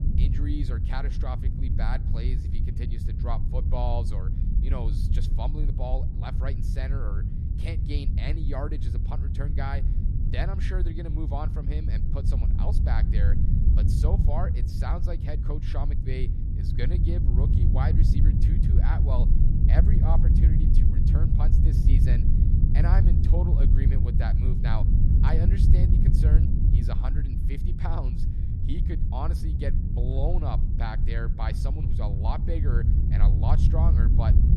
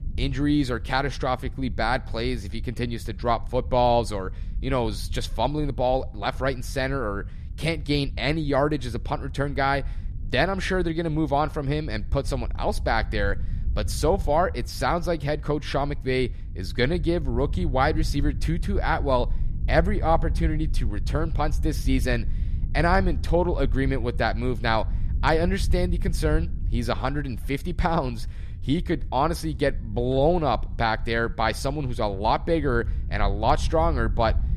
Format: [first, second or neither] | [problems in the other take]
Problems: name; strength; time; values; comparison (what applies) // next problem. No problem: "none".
second | low rumble; loud; throughout; 2 dB below the speech; faint in the second